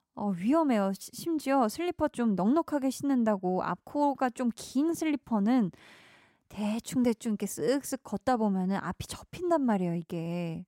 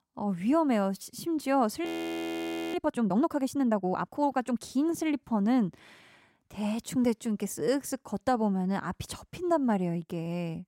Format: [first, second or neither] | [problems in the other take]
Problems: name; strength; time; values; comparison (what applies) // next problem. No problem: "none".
first | audio freezing; at 2 s for 1 s